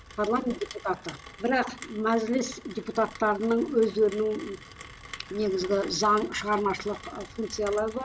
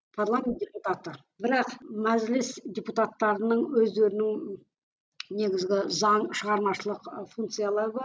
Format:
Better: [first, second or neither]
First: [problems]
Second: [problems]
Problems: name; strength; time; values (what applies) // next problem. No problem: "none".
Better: second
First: background sound (Rain); 17 dB below the speech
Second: none